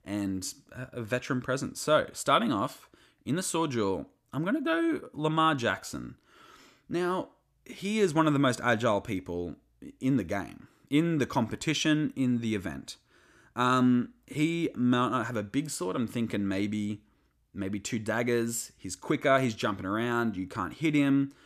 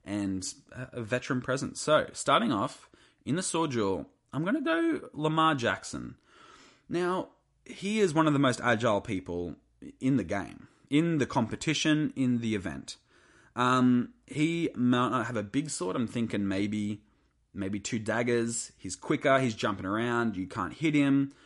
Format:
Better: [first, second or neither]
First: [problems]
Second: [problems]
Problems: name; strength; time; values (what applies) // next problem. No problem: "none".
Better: first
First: none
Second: garbled, watery; slightly; nothing above 10.5 kHz